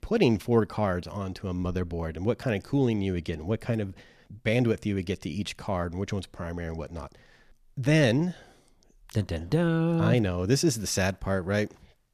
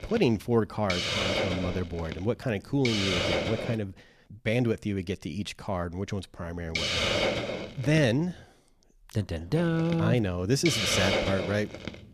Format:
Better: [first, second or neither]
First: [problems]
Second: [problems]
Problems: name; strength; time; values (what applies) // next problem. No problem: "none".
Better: first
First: none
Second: hiss; loud; until 4 s, from 6.5 to 8.5 s and from 9.5 s on; as loud as the speech